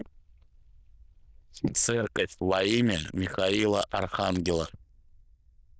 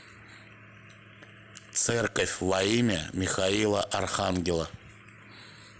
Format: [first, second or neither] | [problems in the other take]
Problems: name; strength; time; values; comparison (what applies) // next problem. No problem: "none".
second | noise reduction (neural diffusion model UNIVERSE++)